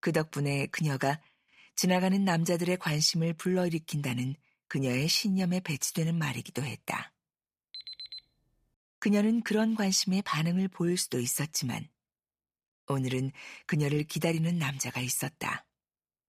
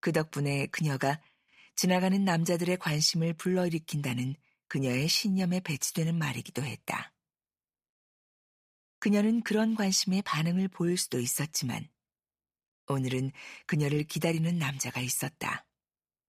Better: second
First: alarm; faint; at 7.5 s; peak 10 dB below the speech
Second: none

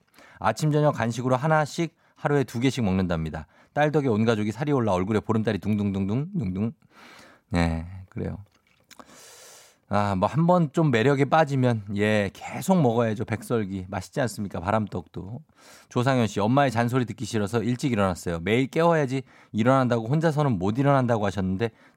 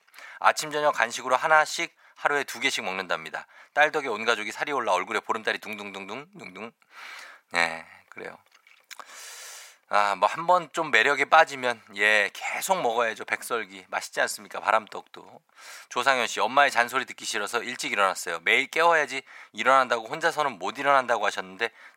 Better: first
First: none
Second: thin; very; fading below 850 Hz

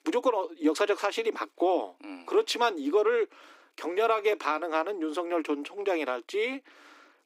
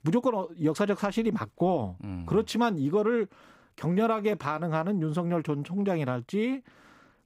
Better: second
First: thin; somewhat; fading below 300 Hz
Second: none

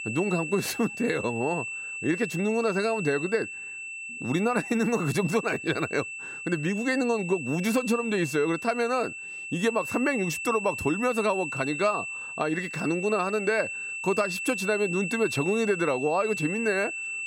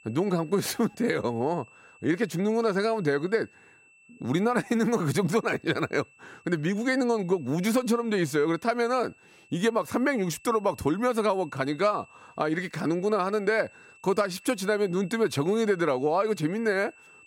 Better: second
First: high-pitched whine; loud; throughout; 2.5 kHz, 6 dB below the speech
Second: high-pitched whine; faint; throughout; 2.5 kHz, 25 dB below the speech

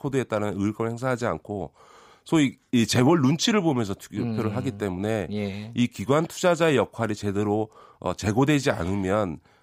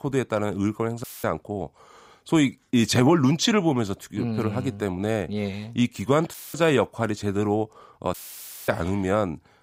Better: first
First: none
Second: audio cutting out; filled with static; at 1 s, at 6.5 s and at 8 s for 0.5 s

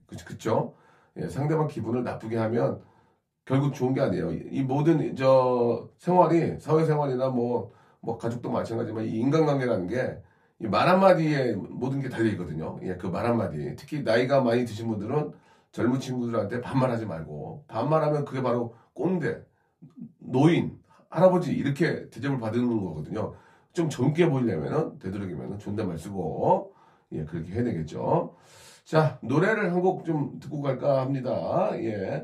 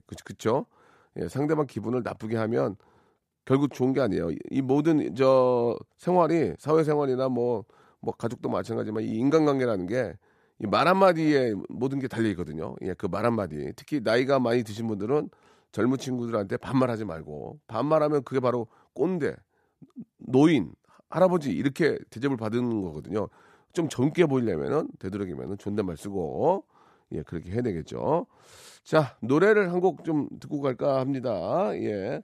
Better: second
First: off-mic speech; far // room echo; very slight; dies away in 0.2 s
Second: none

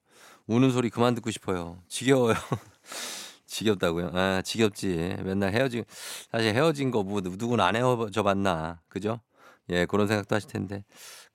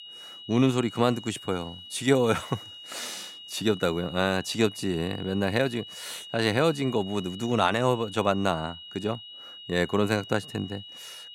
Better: first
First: none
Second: high-pitched whine; noticeable; throughout; 3 kHz, 15 dB below the speech

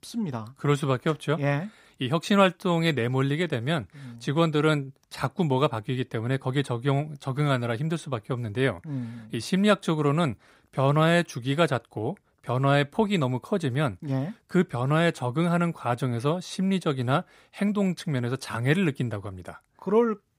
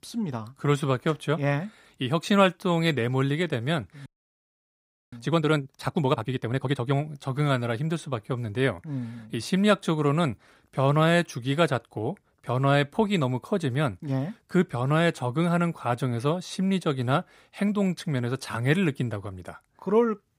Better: first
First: none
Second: audio freezing; at 4 s for 1 s

